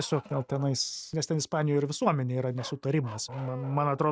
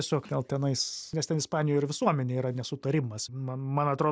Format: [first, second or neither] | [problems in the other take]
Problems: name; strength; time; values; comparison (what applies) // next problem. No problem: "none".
second | noise reduction (neural mask model RNNoise)